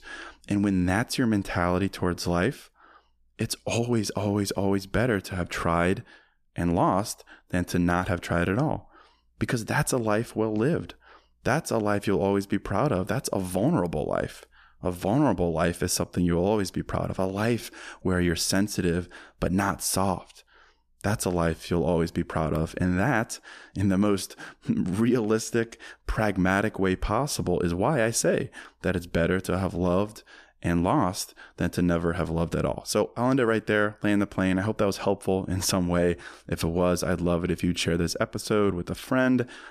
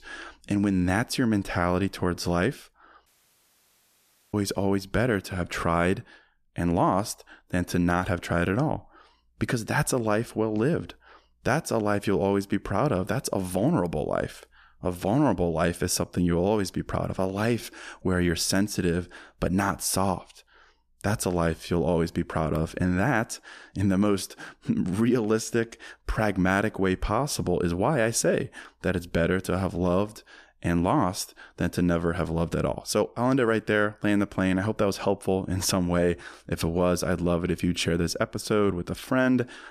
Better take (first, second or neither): first